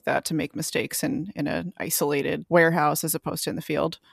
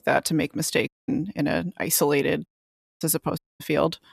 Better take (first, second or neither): first